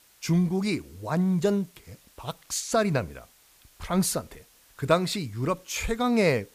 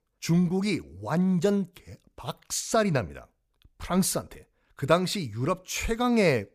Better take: second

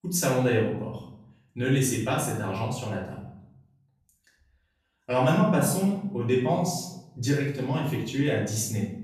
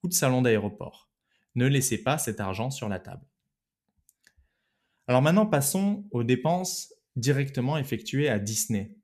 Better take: second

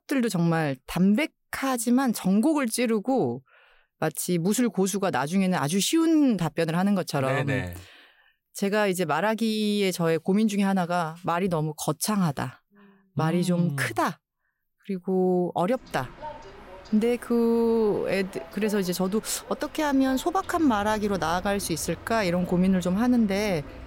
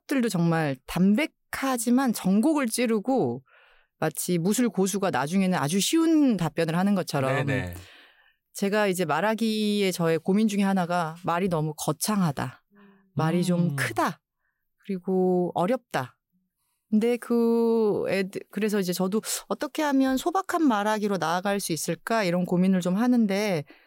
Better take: second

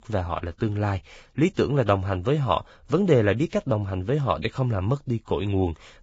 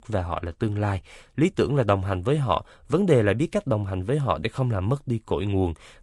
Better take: second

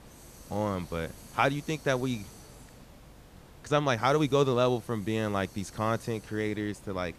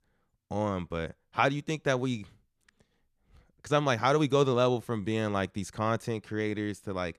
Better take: second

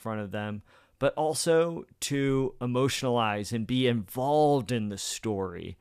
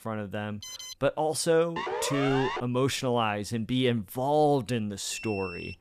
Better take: first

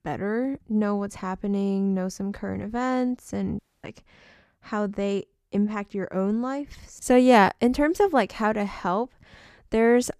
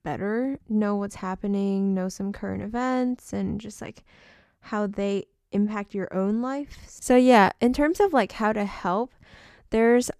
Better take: second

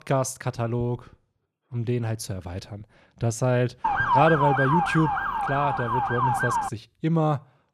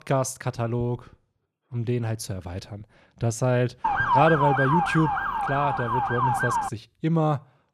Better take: neither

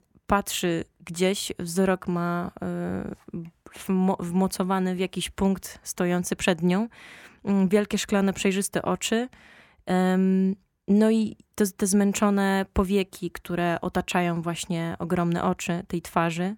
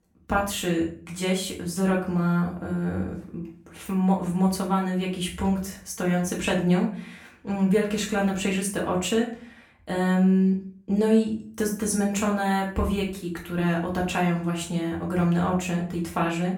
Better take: first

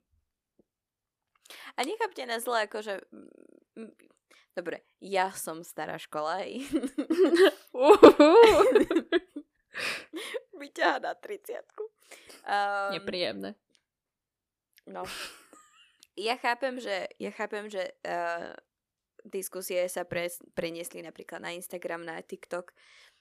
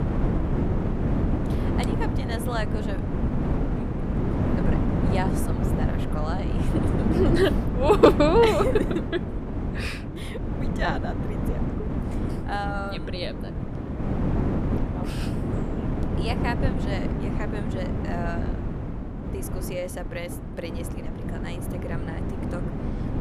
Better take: first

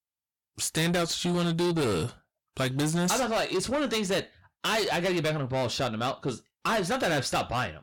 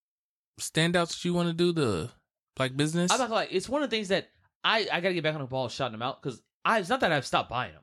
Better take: second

